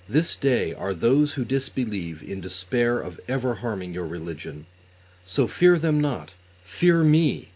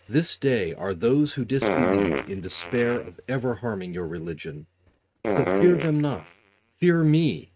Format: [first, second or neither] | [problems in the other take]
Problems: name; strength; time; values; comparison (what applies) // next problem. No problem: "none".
first | noise reduction (neural mask model RNNoise)